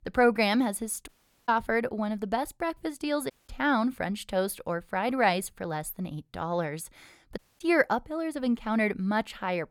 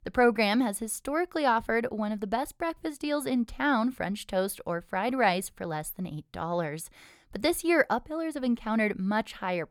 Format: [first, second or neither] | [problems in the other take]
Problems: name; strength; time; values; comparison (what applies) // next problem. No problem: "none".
second | audio cutting out; at 1 s, at 3.5 s and at 7.5 s